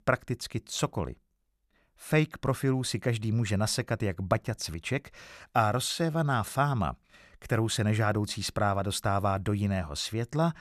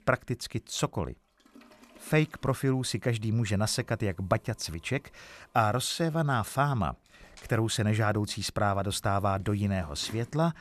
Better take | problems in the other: first | household noises; faint; throughout; 25 dB below the speech

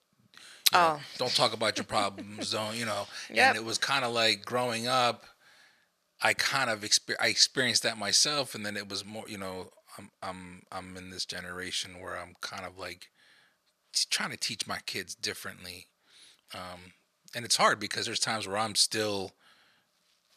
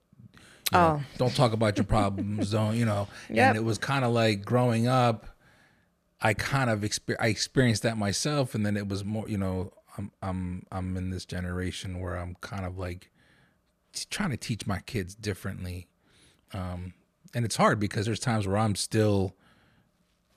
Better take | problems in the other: second | thin; somewhat; fading below 1 kHz

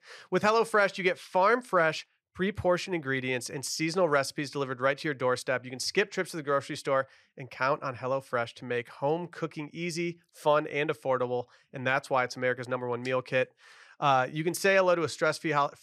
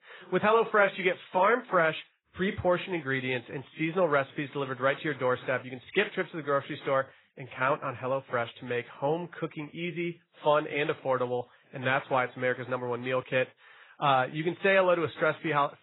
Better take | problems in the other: first | garbled, watery; badly; nothing above 4 kHz

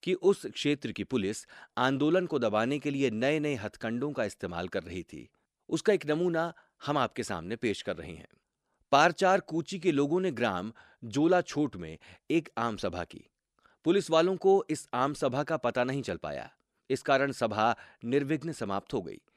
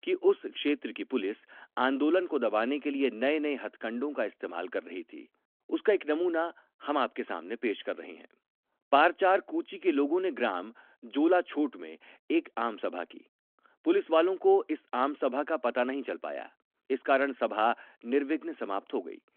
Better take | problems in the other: first | phone-call audio

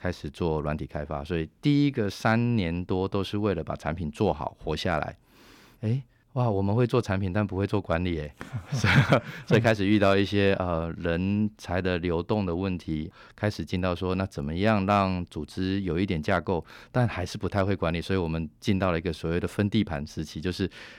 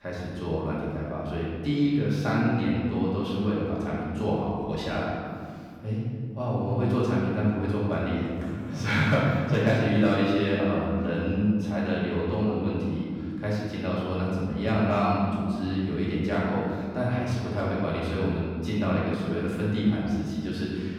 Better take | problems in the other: first | room echo; strong; dies away in 2.2 s // off-mic speech; far

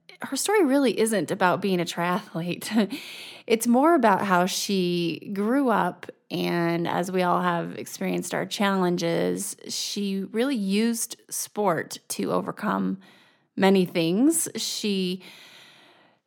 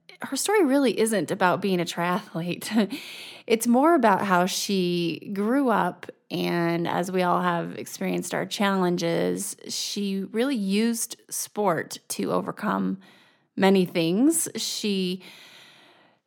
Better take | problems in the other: neither | none

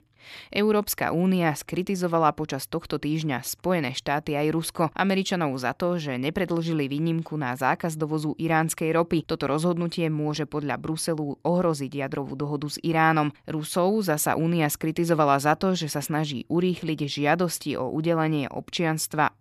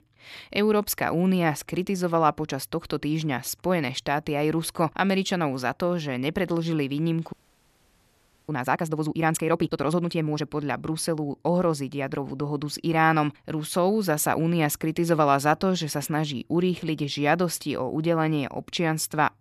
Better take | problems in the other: first | audio freezing; at 7.5 s for 1 s

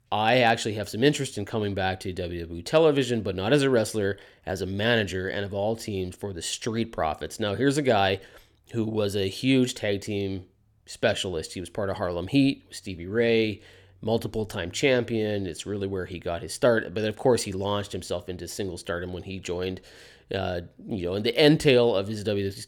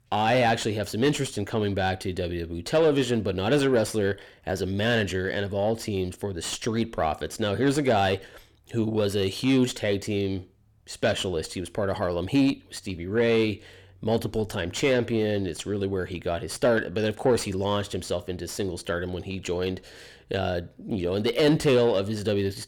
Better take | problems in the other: first | distortion; slight; 10 dB below the speech

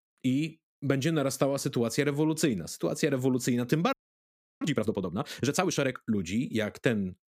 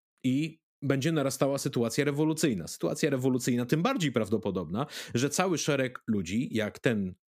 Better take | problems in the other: second | audio freezing; at 4 s for 0.5 s

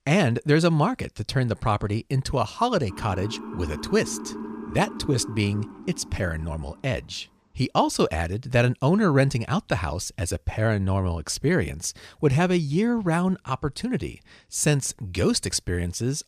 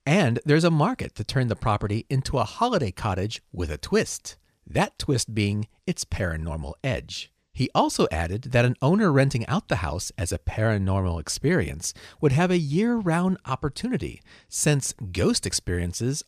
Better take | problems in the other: second | siren; faint; from 3 to 7 s; peak 10 dB below the speech

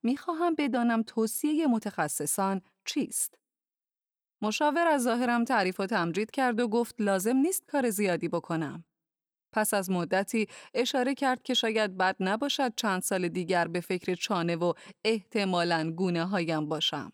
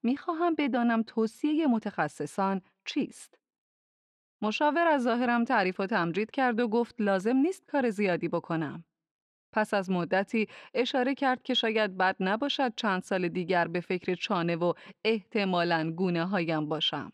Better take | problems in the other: first | muffled; very slightly; fading above 3 kHz

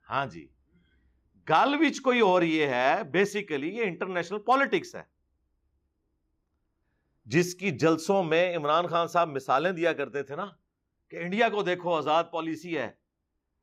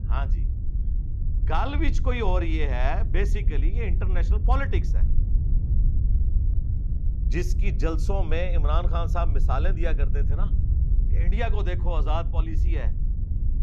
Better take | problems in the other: first | wind noise on the microphone; occasional gusts; 10 dB below the speech

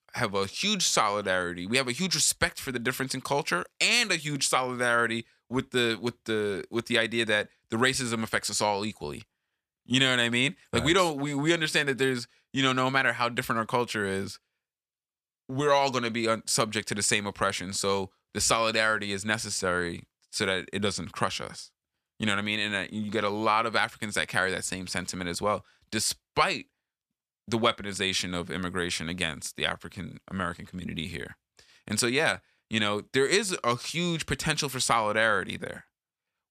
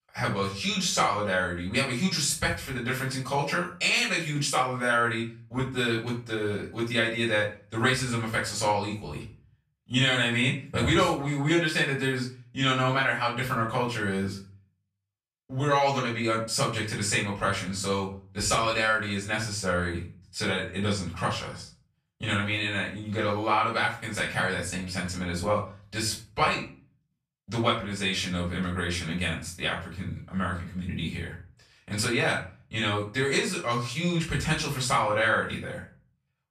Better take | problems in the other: first | off-mic speech; far // room echo; slight; dies away in 0.4 s

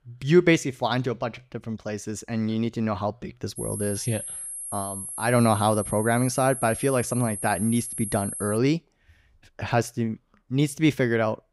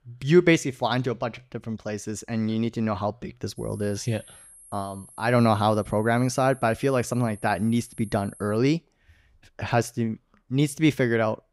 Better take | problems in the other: second | high-pitched whine; loud; from 3.5 to 8.5 s; 11 kHz, 7 dB below the speech; faint in the second

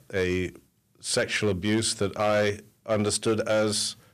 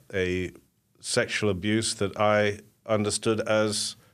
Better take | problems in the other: second | distortion; slight; 5% of the sound clipped

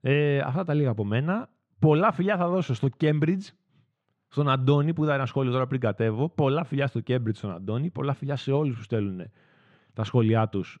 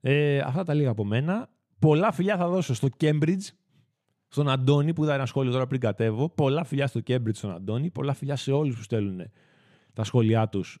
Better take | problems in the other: second | muffled; slightly; fading above 3.5 kHz

